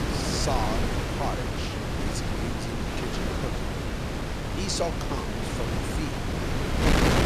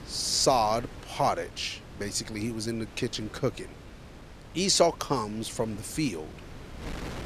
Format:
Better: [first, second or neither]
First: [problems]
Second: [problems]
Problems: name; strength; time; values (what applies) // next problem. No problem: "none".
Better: second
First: wind noise on the microphone; heavy; 3 dB above the speech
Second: wind noise on the microphone; occasional gusts; 20 dB below the speech